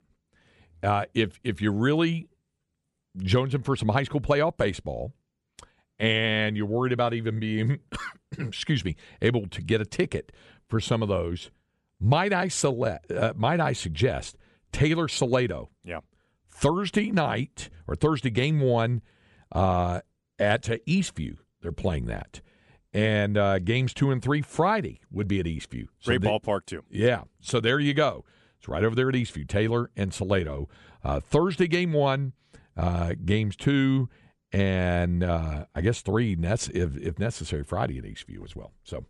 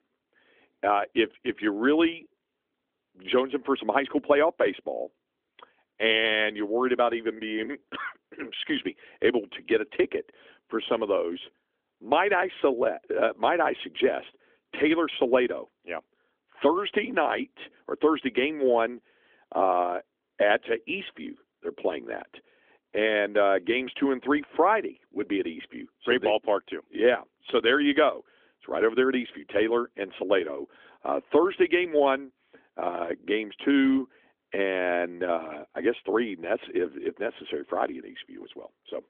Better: first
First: none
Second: phone-call audio; nothing above 3.5 kHz

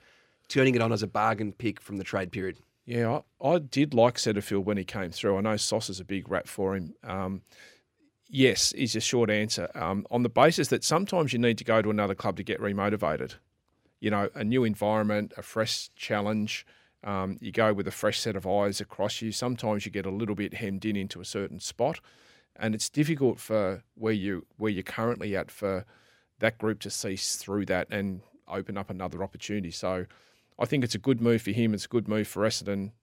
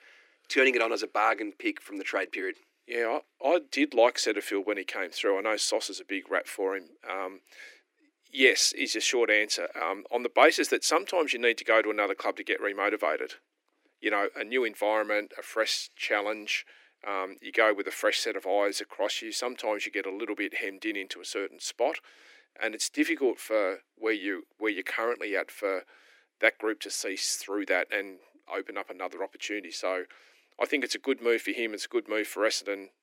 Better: first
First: none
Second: thin; somewhat; fading below 300 Hz

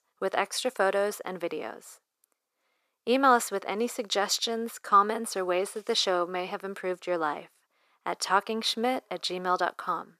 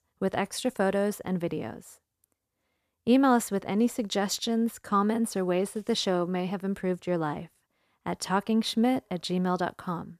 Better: second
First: thin; somewhat; fading below 450 Hz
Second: none

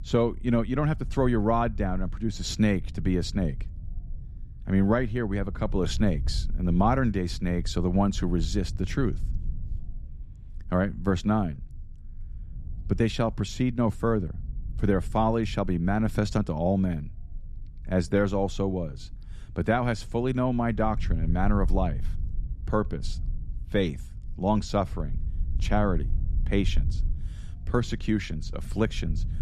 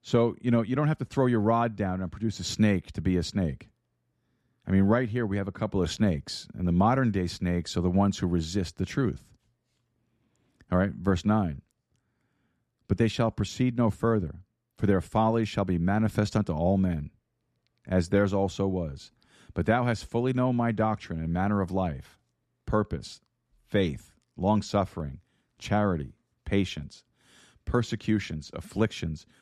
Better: second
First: low rumble; faint; throughout; 25 dB below the speech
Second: none

